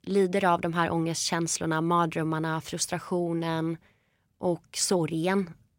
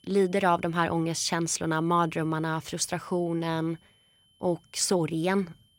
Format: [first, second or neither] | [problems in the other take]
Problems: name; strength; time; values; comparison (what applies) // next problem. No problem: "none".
first | high-pitched whine; faint; throughout; 3 kHz, 35 dB below the speech